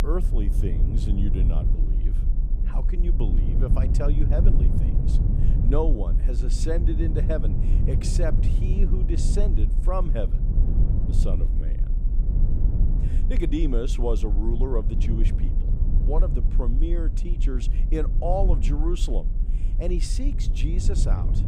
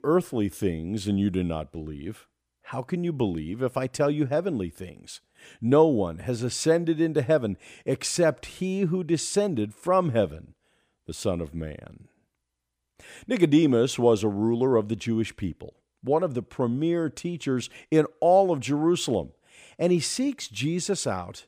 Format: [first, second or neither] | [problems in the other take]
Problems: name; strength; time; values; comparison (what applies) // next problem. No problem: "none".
second | low rumble; loud; throughout; 7 dB below the speech